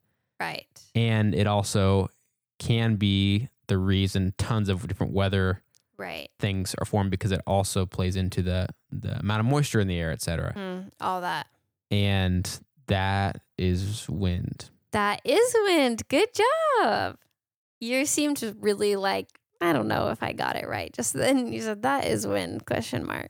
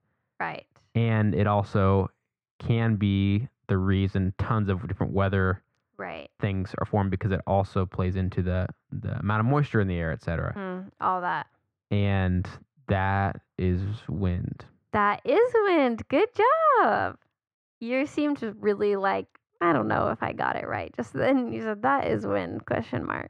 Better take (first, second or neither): first